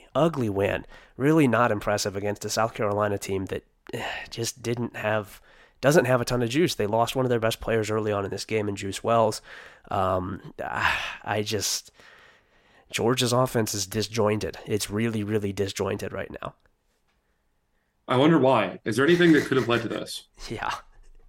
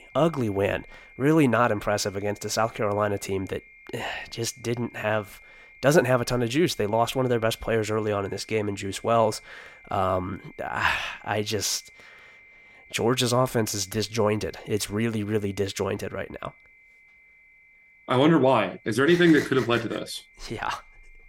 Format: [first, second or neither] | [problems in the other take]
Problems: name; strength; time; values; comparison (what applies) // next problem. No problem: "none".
first | high-pitched whine; faint; throughout; 2 kHz, 25 dB below the speech